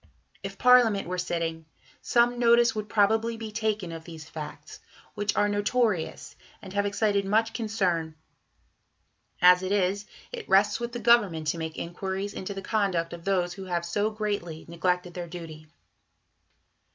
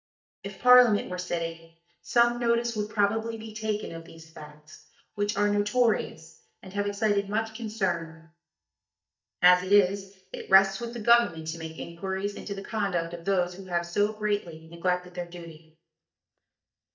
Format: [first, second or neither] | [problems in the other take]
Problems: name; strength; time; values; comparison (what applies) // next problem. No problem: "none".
first | noise reduction (neural mask model DeepFilterNet 3)